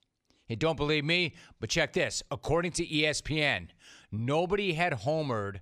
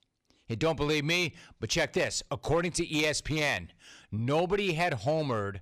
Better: first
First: none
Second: distortion; slight; 3% of the sound clipped

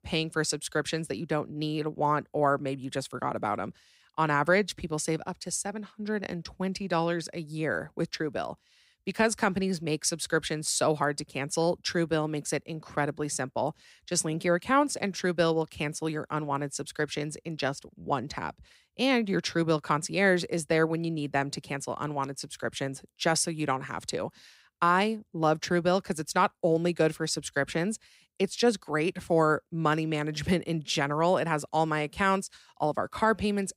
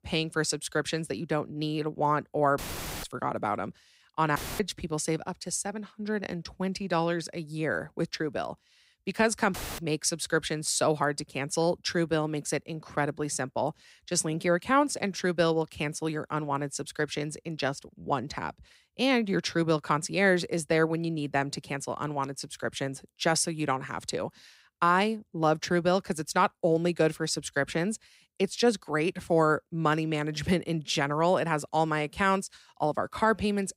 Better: first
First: none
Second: audio cutting out; filled with static; at 2.5 s, at 4.5 s and at 9.5 s

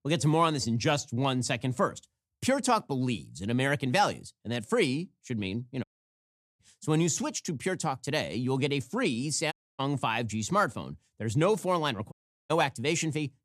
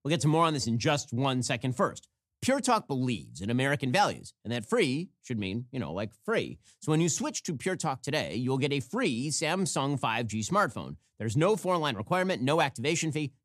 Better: second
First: audio cutting out; at 6 s for 1 s, at 9.5 s and at 12 s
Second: none

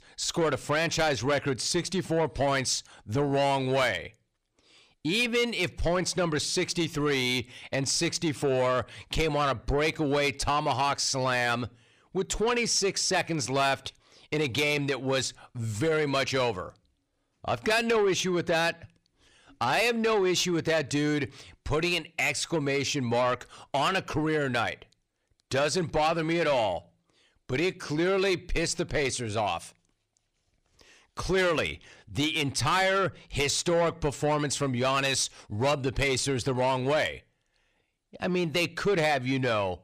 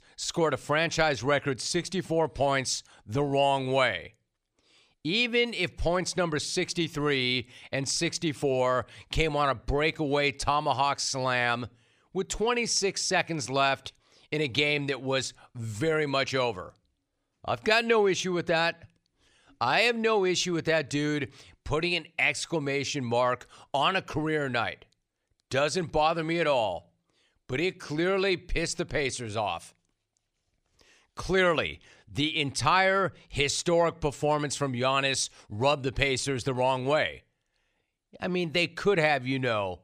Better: second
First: distortion; slight; 10 dB below the speech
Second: none

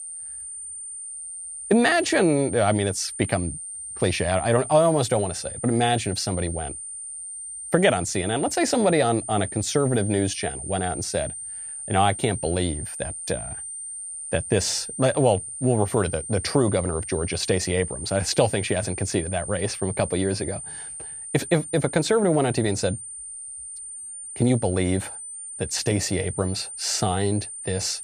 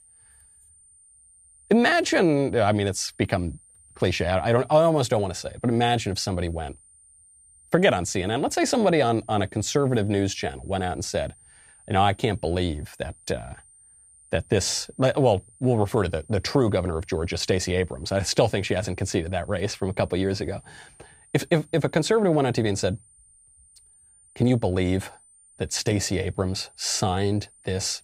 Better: second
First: high-pitched whine; loud; throughout; 9 kHz, 9 dB below the speech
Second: high-pitched whine; faint; throughout; 9 kHz, 25 dB below the speech

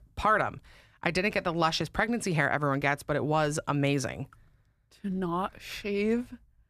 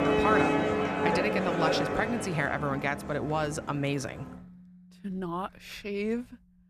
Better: first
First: none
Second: background music; very loud; throughout; 2 dB above the speech

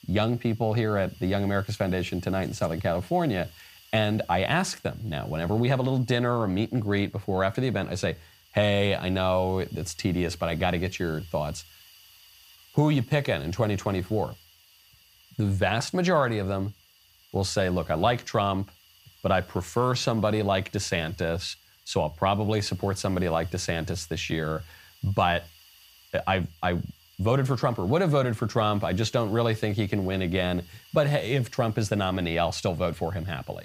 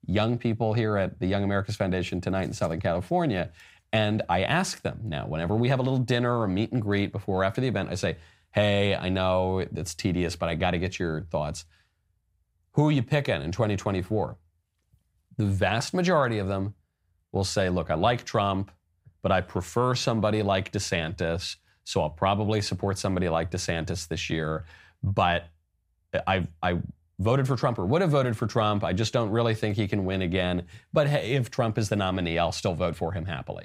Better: second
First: hiss; faint; throughout; 25 dB below the speech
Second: none

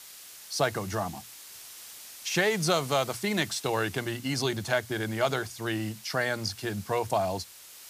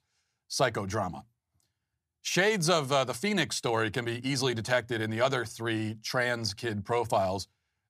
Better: second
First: hiss; noticeable; throughout; 15 dB below the speech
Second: none

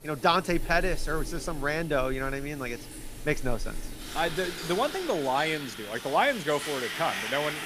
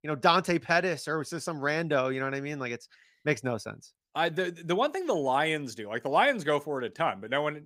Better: second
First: household noises; loud; throughout; 8 dB below the speech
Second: none

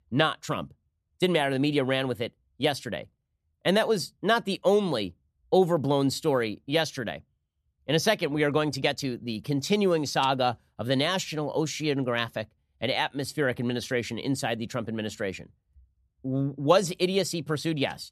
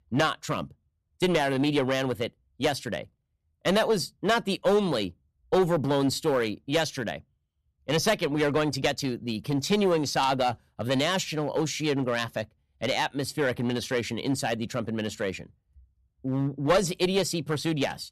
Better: first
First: none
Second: distortion; slight; 5% of the sound clipped

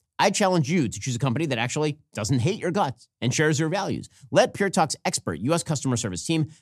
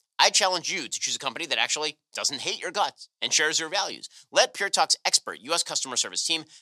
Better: first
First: none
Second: thin; very; fading below 700 Hz

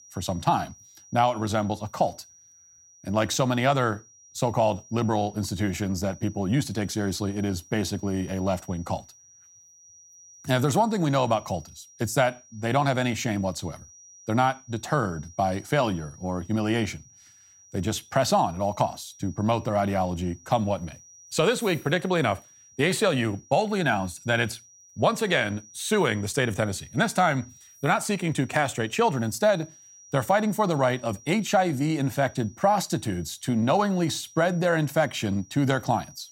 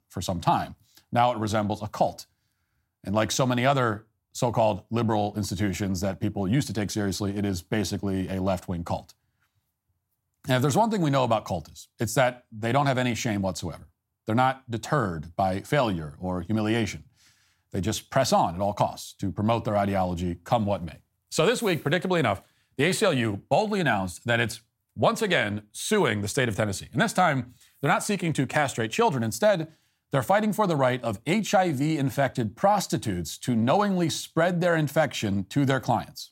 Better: second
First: high-pitched whine; faint; throughout; 5.5 kHz, 25 dB below the speech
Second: none

